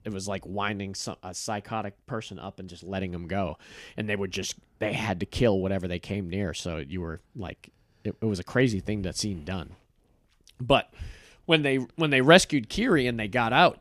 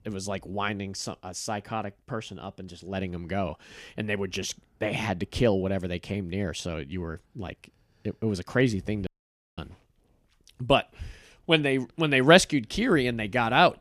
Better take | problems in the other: first | audio cutting out; at 9 s for 0.5 s

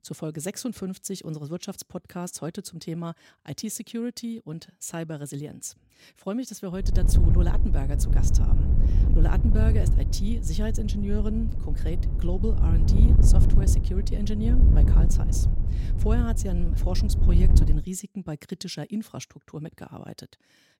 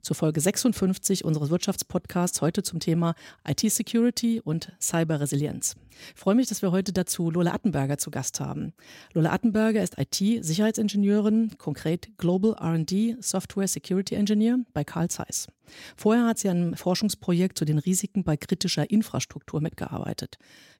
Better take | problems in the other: second | wind noise on the microphone; heavy; from 7 to 18 s; 3 dB below the speech

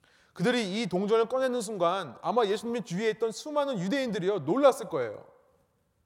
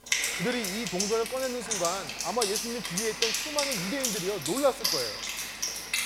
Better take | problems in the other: first | background music; very loud; throughout; 2 dB above the speech

